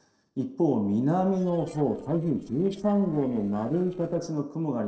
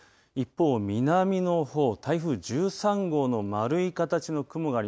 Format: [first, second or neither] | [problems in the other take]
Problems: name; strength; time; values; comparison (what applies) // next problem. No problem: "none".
second | noise reduction (neural separator model SepFormer DNS4)